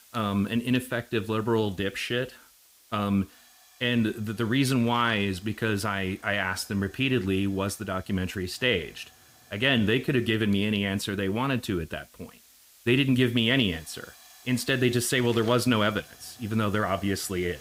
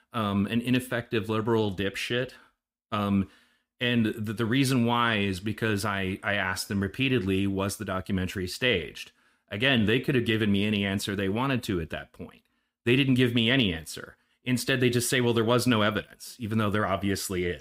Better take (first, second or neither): second